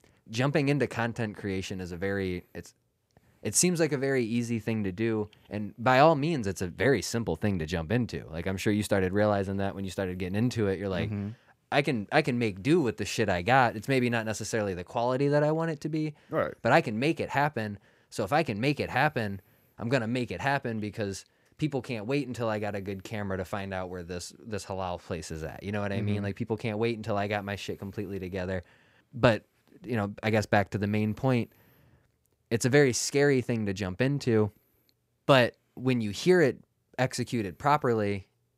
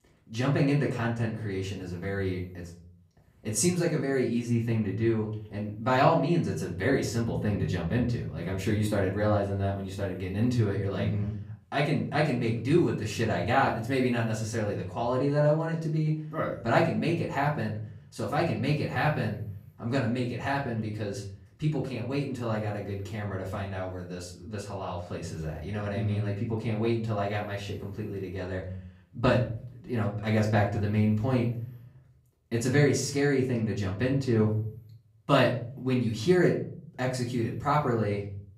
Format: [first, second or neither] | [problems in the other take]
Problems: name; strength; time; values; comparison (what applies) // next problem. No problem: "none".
first | off-mic speech; far // room echo; slight; dies away in 0.8 s